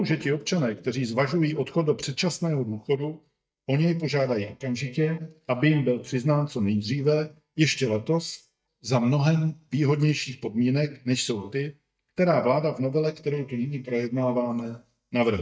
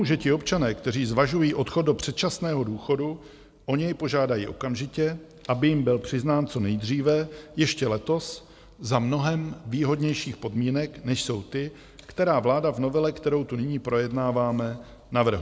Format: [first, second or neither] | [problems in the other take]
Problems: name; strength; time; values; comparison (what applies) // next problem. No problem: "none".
second | noise reduction (neural mask model DeepFilterNet 3)